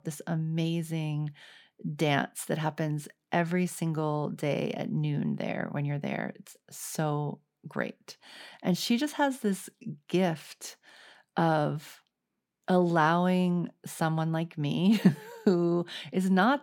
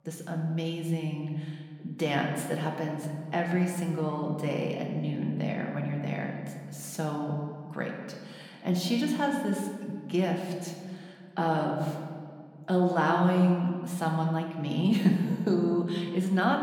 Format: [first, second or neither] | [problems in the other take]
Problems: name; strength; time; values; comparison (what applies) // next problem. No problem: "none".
first | room echo; slight; dies away in 1.6 s // off-mic speech; somewhat distant